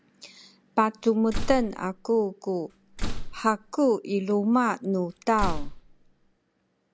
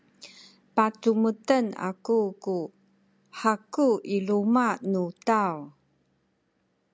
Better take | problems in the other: second | background sound (Slam); 5 dB below the speech

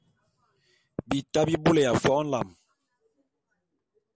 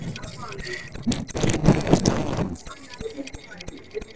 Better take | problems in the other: first | noise reduction (neural separator model SepFormer DNS4)

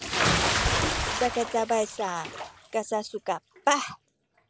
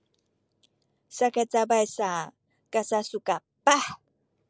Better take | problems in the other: second | background sound (Bathtub (filling or washing) / Splash, splatter); as loud as the speech

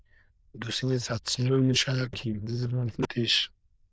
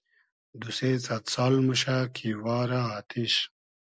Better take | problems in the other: second | noise reduction (neural diffusion model UNIVERSE++)

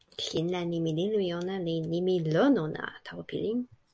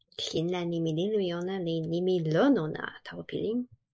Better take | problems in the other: first | noise reduction (neural mask model Resemble Enhance denoiser)

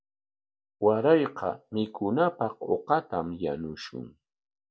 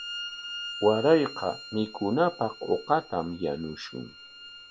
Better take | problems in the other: first | background sound (Bowed string instrument); 13 dB below the speech

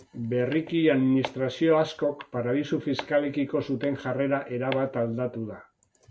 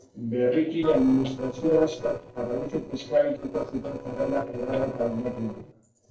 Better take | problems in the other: first | noise reduction (neural separator model SepFormer DNS4)

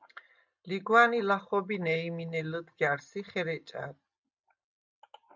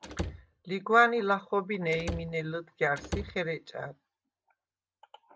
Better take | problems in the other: first | background sound (Slam / Wood); 8 dB below the speech

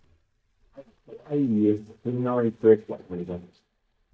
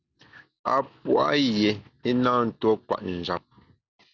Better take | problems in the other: second | noise reduction (neural mask model DeepFilterNet 3)

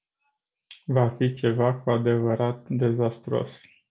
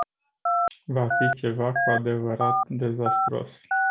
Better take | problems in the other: first | background sound (Telephone); 2 dB above the speech

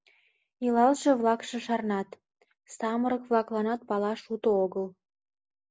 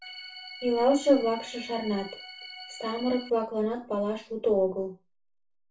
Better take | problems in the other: first | background sound (Organ); 15 dB below the speech // room echo; dies away in 0.2 s

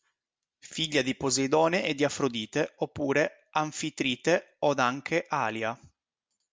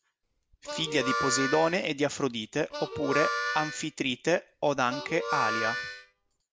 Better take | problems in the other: first | background sound (Harmonica); 4 dB below the speech

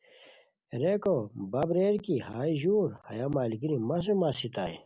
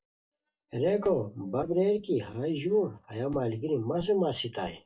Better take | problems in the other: first | noise reduction (neural mask model DeepFilterNet 3)

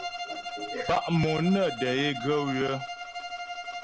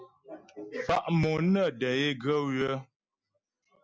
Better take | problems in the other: second | background sound (Bowed string instrument); 8 dB below the speech

